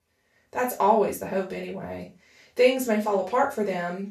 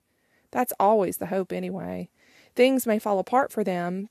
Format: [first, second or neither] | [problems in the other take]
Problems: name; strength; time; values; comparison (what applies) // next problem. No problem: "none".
second | room echo; noticeable; dies away in 0.2 s // off-mic speech; far